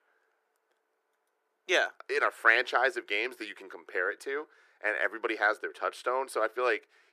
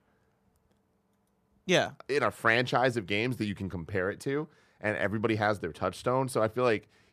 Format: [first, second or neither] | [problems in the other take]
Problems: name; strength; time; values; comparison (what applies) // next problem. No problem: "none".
second | thin; very; fading below 350 Hz